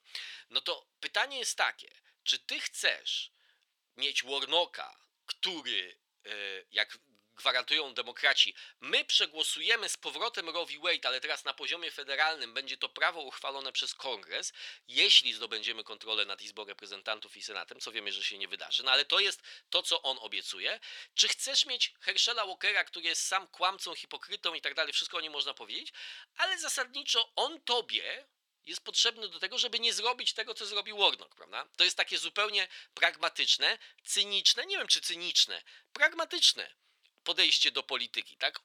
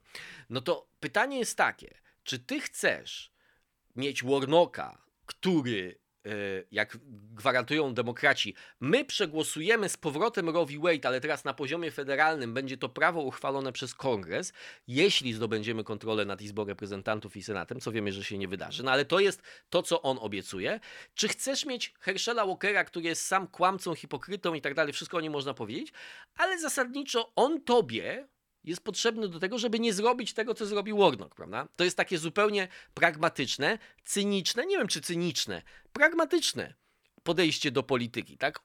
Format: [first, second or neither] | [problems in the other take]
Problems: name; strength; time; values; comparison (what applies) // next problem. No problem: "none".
second | thin; very; fading below 600 Hz